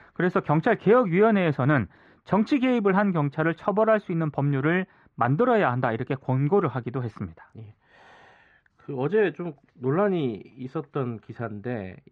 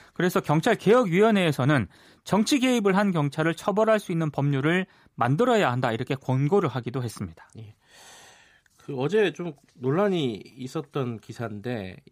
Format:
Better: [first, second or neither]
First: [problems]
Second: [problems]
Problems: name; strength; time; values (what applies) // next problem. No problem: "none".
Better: second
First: muffled; very; fading above 2 kHz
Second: none